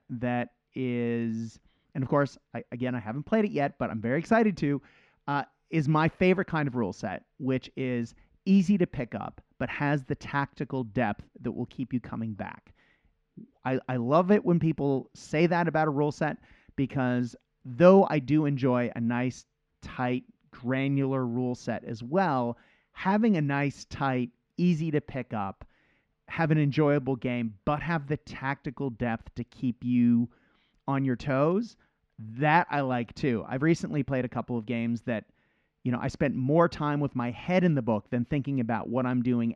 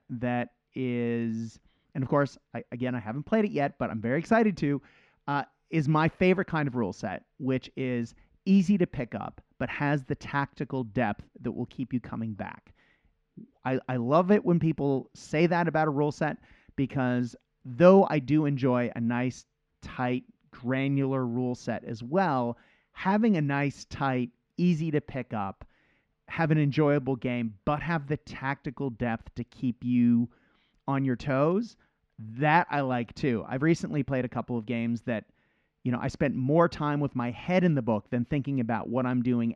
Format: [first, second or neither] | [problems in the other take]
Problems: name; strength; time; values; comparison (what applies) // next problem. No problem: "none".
neither | muffled; slightly; fading above 2.5 kHz; the same in both